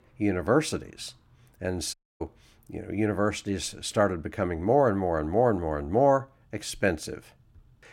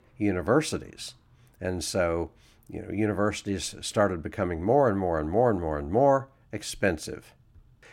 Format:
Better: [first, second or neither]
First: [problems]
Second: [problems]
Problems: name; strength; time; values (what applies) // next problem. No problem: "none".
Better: second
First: audio cutting out; at 2 s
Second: none